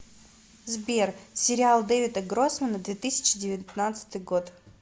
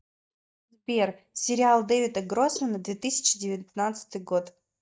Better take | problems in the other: first | noise reduction (neural mask model DeepFilterNet 3)

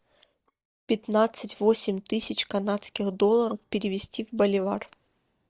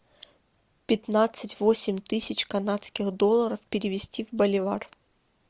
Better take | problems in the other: second | noise reduction (neural mask model DeepFilterNet 3)

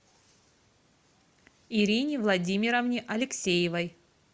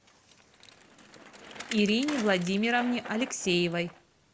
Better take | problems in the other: first | background sound (Bicycle); 14 dB below the speech

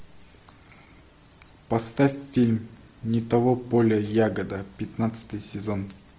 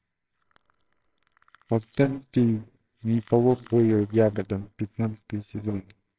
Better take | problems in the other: first | noise reduction (neural separator model SepFormer WHAMR!)

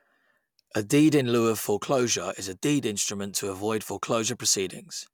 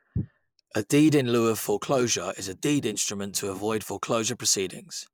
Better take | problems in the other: first | noise reduction (neural mask model Resemble Enhance denoiser)

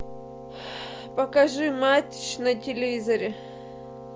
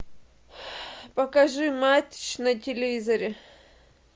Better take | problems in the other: second | background sound (Keyboard (musical)); 14 dB below the speech

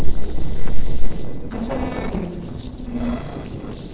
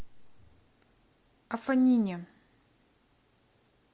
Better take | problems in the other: second | noise reduction (neural separator model SepFormer DNS4)

